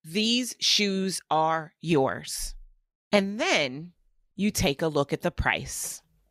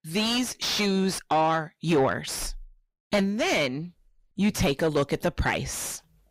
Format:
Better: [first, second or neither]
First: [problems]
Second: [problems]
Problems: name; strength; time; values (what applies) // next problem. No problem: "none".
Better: first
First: none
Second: distortion; heavy; 6 dB below the speech